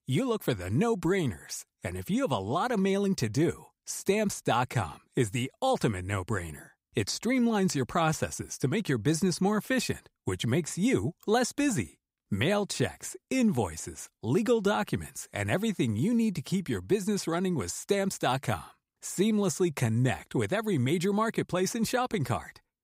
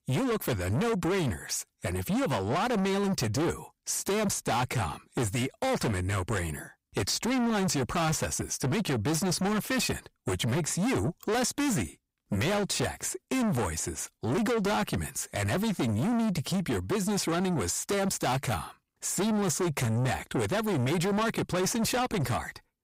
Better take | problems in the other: first | distortion; heavy; 6 dB below the speech

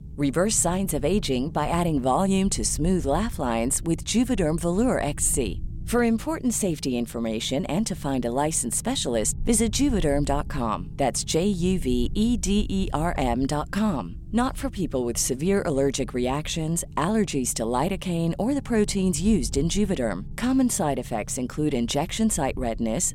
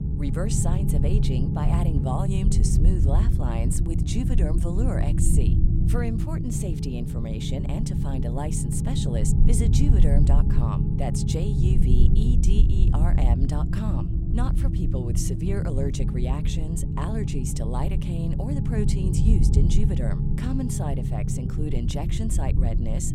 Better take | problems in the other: first | low rumble; loud; throughout; 1 dB below the speech; faint in the first

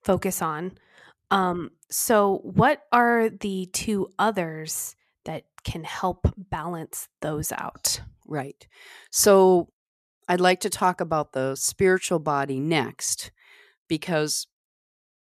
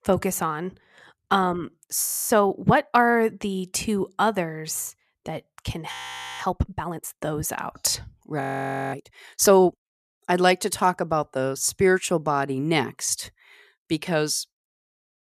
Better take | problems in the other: first | audio freezing; at 2 s, at 6 s and at 8.5 s for 0.5 s

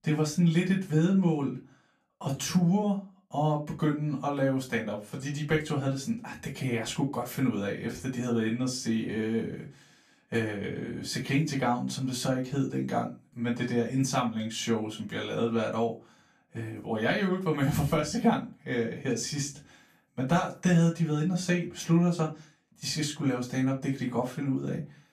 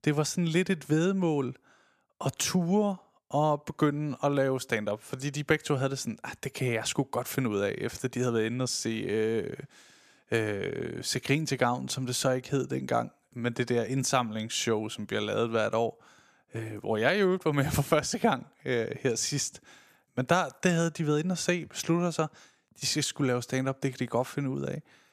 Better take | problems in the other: second | off-mic speech; far // room echo; very slight; dies away in 0.2 s

